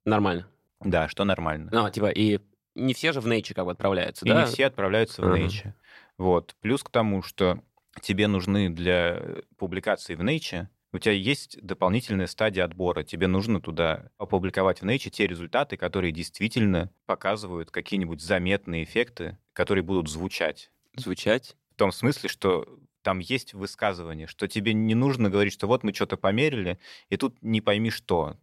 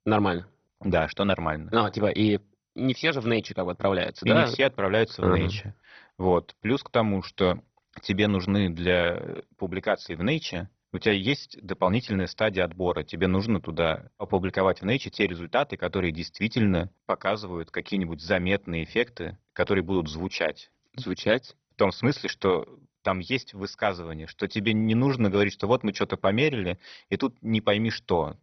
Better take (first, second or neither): first